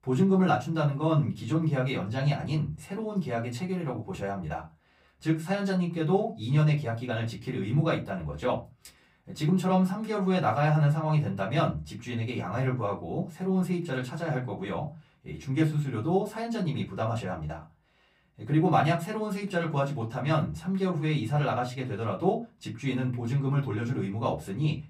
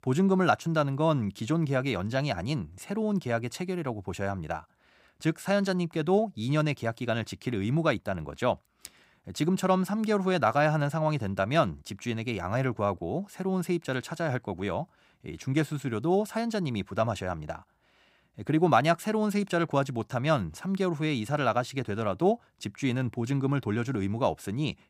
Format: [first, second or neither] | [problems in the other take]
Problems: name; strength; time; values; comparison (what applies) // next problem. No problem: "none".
second | off-mic speech; far // room echo; very slight; dies away in 0.3 s